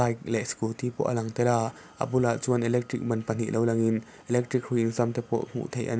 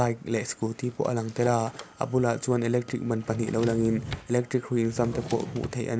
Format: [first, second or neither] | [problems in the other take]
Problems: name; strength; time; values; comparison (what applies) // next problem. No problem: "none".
first | background sound (Drawer open or close); 14 dB below the speech